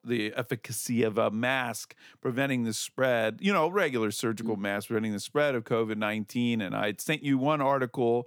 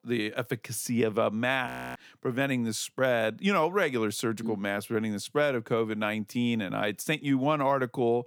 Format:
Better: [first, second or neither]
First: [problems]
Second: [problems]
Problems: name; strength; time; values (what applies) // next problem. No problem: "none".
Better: first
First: none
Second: audio freezing; at 1.5 s